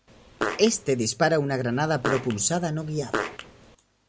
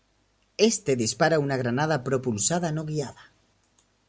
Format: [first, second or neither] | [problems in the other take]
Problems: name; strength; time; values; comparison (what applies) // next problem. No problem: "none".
second | background sound (Fart); 7 dB below the speech